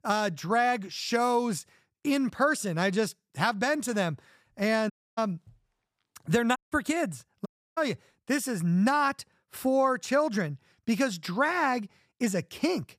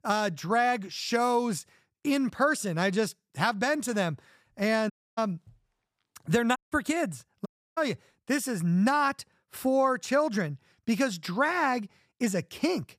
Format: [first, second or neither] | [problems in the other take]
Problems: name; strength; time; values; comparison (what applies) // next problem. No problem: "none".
neither | audio cutting out; at 5 s, at 6.5 s and at 7.5 s; the same in both